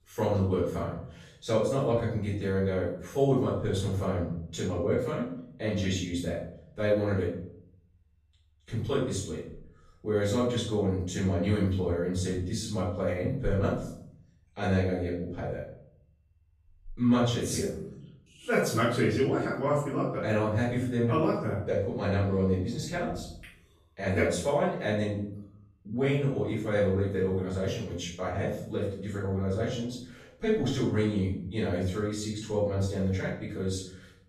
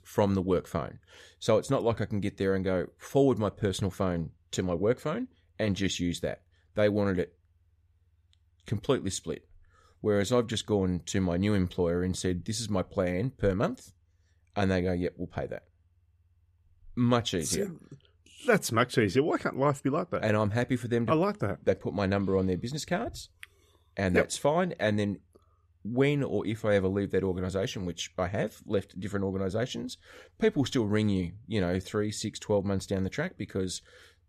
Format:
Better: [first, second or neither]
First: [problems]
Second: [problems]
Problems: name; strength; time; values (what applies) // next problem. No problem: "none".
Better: second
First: off-mic speech; far // room echo; noticeable; dies away in 0.6 s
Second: none